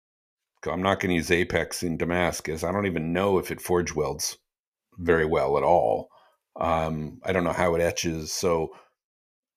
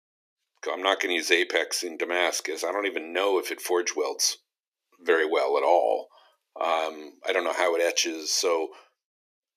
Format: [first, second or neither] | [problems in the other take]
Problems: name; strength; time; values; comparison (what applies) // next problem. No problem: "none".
first | thin; very; fading below 300 Hz